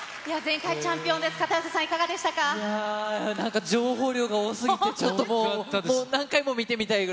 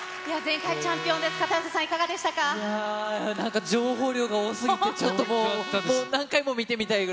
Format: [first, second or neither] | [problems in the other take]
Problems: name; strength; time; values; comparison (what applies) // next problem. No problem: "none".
first | background sound (Trumpet); 13 dB below the speech